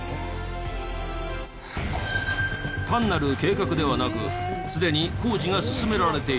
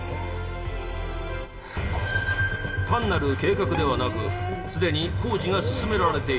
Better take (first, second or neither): first